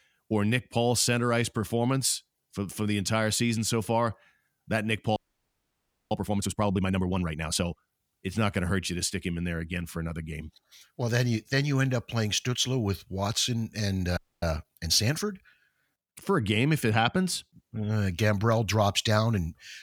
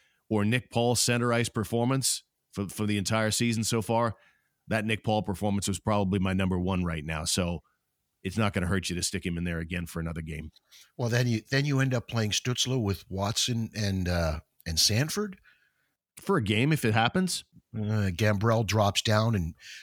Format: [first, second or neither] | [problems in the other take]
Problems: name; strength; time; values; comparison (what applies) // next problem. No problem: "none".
second | audio freezing; at 5 s for 1 s and at 14 s